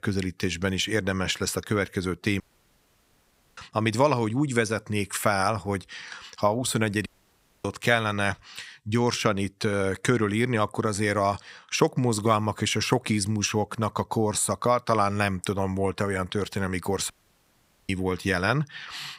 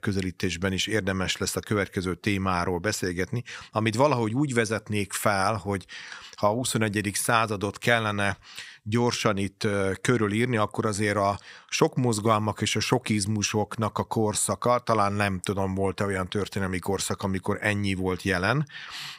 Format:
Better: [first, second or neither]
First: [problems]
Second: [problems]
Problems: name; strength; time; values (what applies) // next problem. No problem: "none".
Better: second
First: audio cutting out; at 2.5 s for 1 s, at 7 s for 0.5 s and at 17 s for 1 s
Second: none